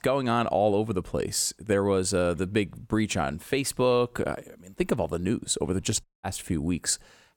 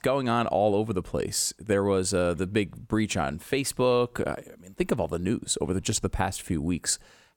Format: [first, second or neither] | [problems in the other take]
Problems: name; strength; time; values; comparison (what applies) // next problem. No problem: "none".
second | audio cutting out; at 6 s